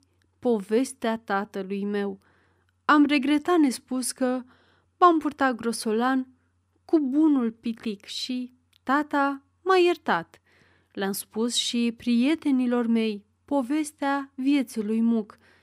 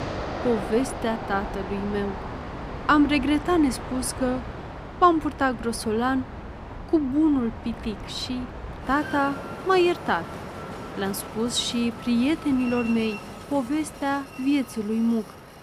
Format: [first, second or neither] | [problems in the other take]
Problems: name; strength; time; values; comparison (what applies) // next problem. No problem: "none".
first | train or aircraft noise; noticeable; throughout; 10 dB below the speech